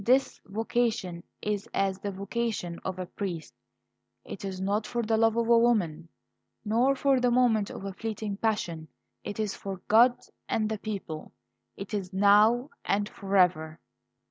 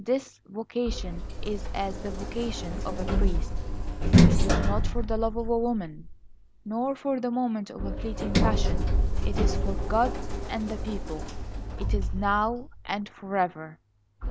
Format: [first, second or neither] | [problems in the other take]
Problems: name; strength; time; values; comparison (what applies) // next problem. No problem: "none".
first | background sound (Sliding door); 4 dB above the speech